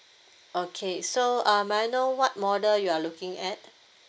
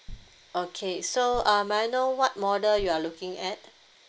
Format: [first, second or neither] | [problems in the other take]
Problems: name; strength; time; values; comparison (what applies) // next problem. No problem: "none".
first | background sound (Bass drum); 19 dB below the speech